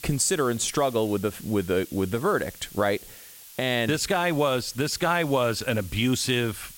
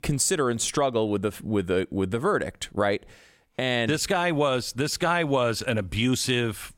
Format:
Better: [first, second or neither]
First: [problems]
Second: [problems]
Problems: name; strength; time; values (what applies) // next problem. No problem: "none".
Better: second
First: hiss; noticeable; throughout; 20 dB below the speech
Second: none